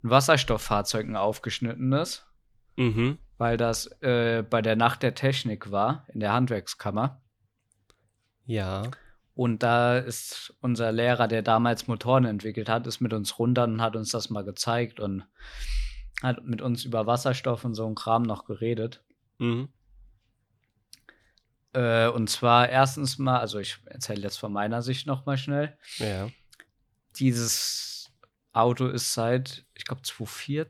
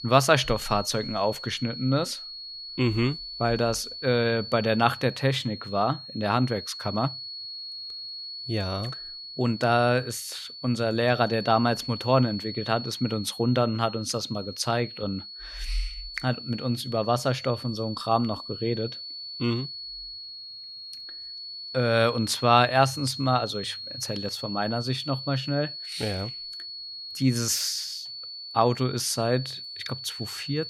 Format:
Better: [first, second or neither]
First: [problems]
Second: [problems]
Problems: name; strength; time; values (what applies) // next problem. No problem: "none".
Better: first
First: none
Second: high-pitched whine; loud; throughout; 4.5 kHz, 10 dB below the speech